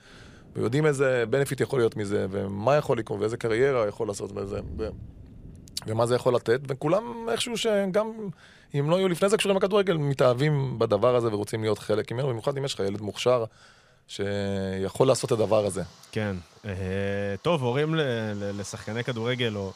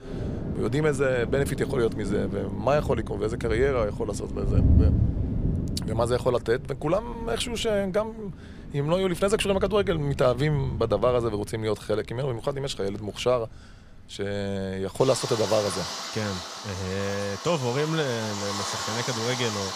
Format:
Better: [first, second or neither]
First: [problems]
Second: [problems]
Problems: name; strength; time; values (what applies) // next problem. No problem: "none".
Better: first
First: rain or running water; faint; throughout; 25 dB below the speech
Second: rain or running water; loud; throughout; 4 dB below the speech